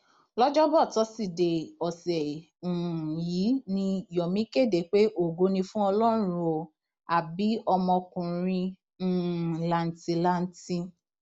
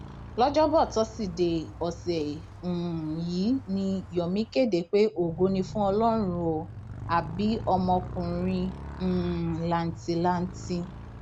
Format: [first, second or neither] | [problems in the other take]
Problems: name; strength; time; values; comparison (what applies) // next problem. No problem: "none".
first | background sound (Motorcycle); 12 dB below the speech